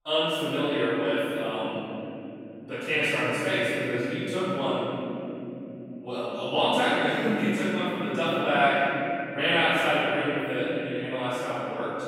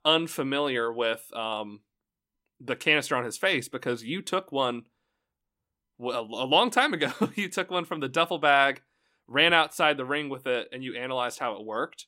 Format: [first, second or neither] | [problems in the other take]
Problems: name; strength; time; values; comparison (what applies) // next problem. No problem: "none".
second | off-mic speech; far // room echo; strong; dies away in 3 s